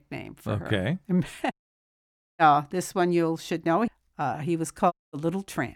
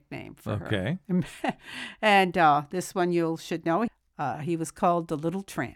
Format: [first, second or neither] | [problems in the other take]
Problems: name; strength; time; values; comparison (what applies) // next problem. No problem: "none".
second | audio cutting out; at 1.5 s for 1 s and at 5 s